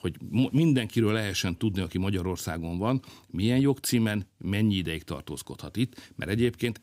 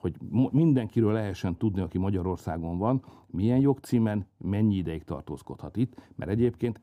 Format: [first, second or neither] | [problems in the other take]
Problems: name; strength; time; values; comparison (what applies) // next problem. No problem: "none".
first | muffled; very; fading above 1.5 kHz